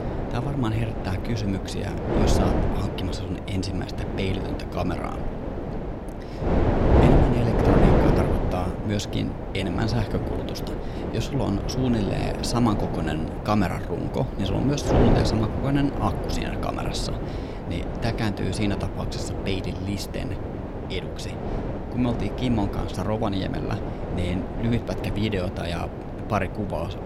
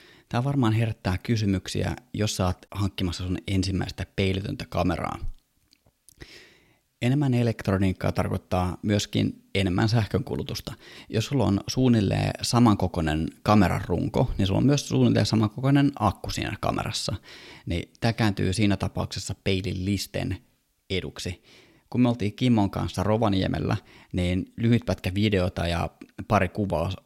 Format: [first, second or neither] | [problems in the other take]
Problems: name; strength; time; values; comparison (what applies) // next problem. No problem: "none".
second | wind noise on the microphone; heavy; as loud as the speech